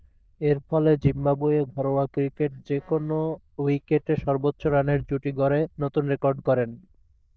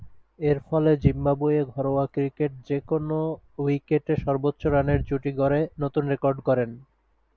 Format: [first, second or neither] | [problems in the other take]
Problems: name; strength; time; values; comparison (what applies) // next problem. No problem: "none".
second | noise reduction (neural diffusion model UNIVERSE++)